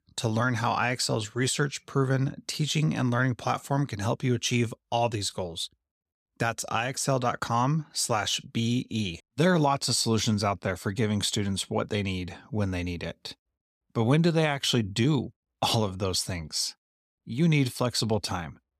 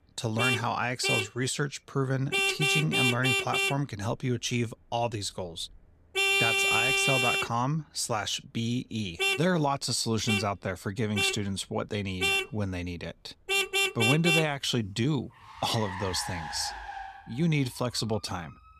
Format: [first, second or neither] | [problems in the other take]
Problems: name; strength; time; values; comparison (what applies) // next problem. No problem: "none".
first | traffic noise; very loud; throughout; 4 dB above the speech